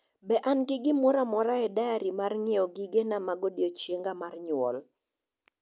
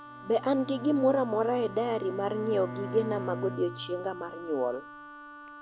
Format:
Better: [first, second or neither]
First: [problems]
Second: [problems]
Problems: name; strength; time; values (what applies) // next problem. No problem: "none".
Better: first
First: none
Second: background sound (Wind instrument, woodwind instrument + Bowed string instrument); 11 dB below the speech